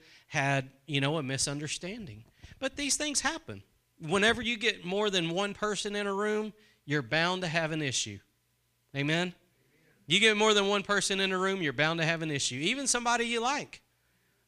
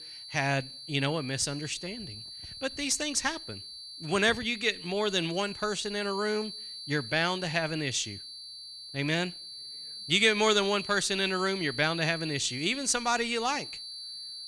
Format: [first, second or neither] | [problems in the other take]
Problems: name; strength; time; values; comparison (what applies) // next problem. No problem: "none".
first | high-pitched whine; noticeable; throughout; 4.5 kHz, 10 dB below the speech